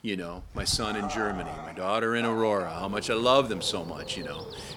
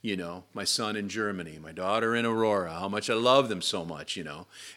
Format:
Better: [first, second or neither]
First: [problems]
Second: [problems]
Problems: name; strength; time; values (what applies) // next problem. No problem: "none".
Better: second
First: animal sounds; noticeable; throughout; 10 dB below the speech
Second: none